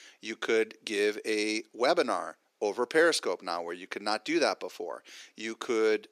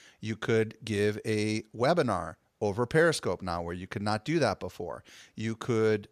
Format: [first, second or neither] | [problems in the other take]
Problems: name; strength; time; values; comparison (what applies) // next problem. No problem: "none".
second | thin; somewhat; fading below 300 Hz